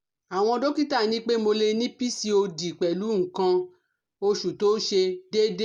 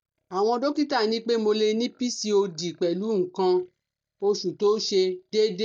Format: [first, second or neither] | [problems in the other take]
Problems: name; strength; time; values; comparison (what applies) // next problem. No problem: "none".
first | noise reduction (neural mask model DeepFilterNet 3)